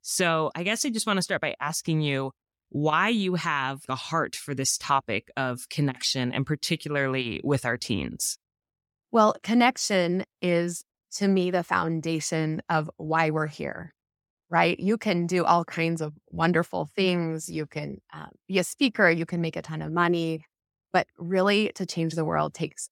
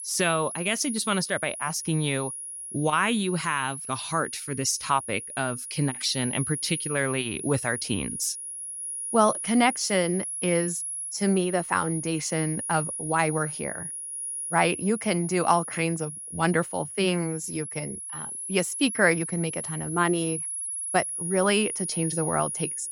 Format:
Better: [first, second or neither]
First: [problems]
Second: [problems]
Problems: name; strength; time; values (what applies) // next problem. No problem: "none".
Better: first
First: none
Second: high-pitched whine; loud; throughout; 10.5 kHz, 5 dB below the speech